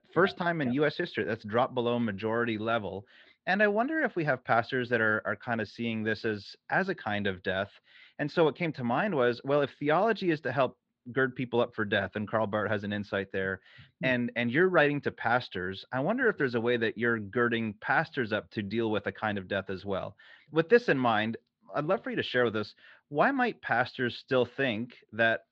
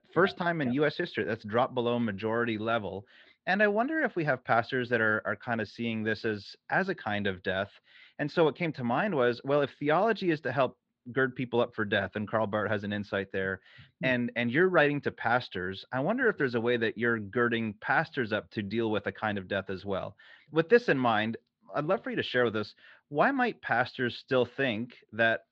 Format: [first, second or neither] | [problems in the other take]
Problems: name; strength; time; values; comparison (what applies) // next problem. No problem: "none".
neither | muffled; slightly; fading above 4 kHz; the same in both